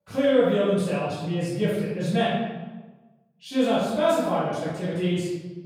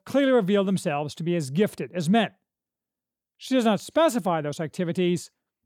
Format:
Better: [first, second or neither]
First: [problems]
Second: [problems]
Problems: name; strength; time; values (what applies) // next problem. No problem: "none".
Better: second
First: off-mic speech; far // room echo; strong; dies away in 1.1 s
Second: none